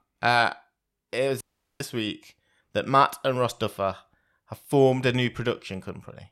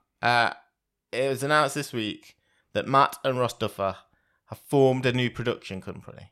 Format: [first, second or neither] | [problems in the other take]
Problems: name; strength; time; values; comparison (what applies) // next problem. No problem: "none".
second | audio cutting out; at 1.5 s